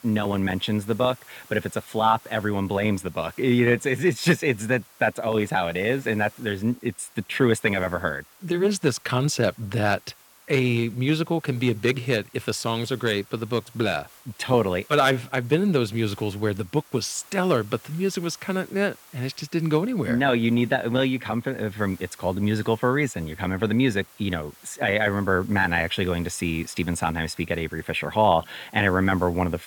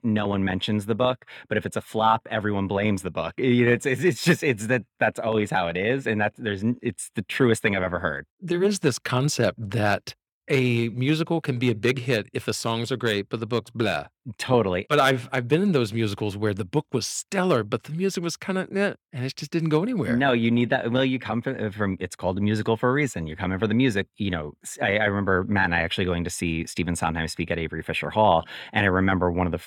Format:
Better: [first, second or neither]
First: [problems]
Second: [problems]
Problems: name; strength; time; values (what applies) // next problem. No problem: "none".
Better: second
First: hiss; faint; throughout; 25 dB below the speech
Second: none